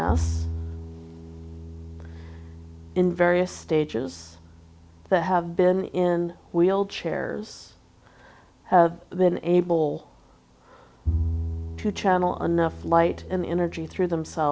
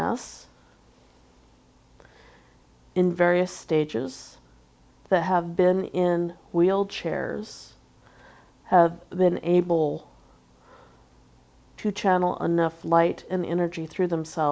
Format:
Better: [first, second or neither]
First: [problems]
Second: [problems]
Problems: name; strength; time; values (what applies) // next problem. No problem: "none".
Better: second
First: background sound (Bowed string instrument); 9 dB below the speech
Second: none